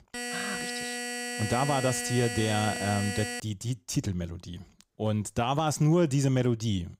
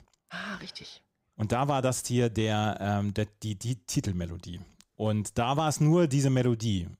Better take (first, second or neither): second